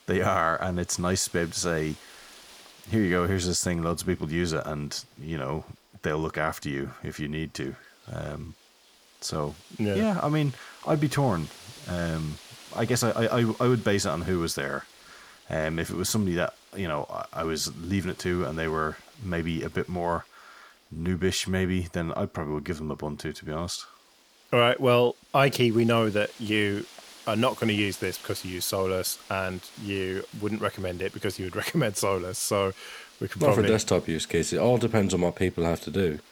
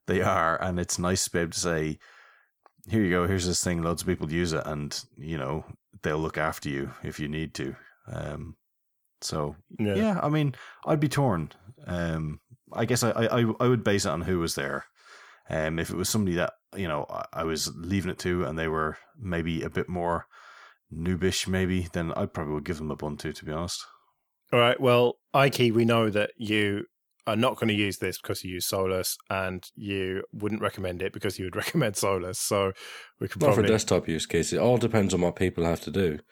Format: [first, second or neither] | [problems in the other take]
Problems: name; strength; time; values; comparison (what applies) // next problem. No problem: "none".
second | wind noise on the microphone; occasional gusts; 20 dB below the speech